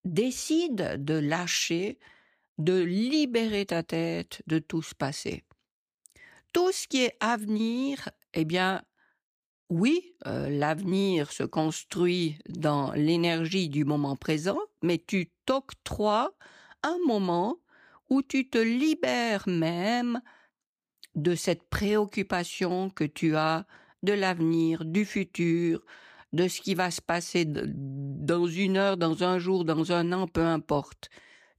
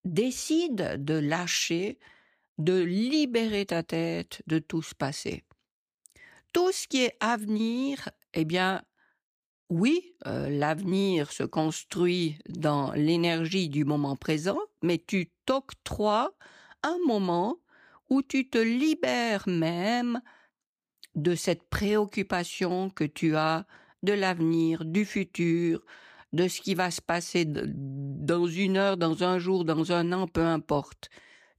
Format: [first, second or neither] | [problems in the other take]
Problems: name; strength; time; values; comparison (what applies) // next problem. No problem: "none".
neither | none